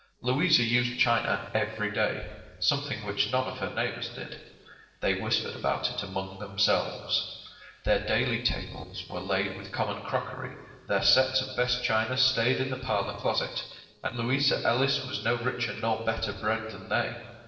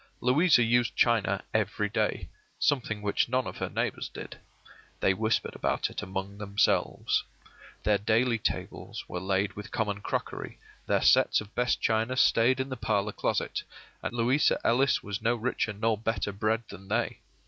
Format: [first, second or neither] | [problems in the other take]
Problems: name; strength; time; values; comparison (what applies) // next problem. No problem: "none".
second | noise reduction (neural separator model SepFormer DNS4)